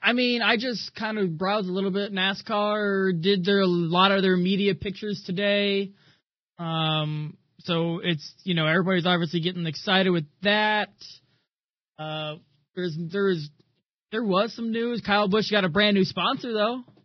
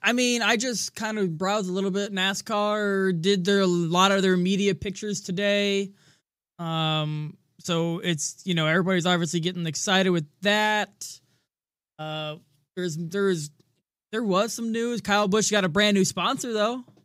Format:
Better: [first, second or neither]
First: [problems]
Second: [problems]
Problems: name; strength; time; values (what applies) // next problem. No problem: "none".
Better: second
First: garbled, watery; badly; nothing above 5.5 kHz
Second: none